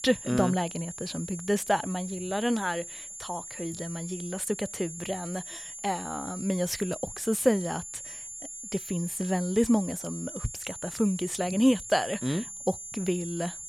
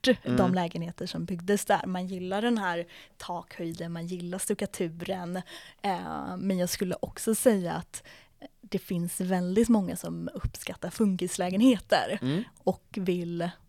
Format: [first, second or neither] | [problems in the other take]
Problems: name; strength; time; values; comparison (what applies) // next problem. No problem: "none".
second | high-pitched whine; loud; throughout; 7 kHz, 9 dB below the speech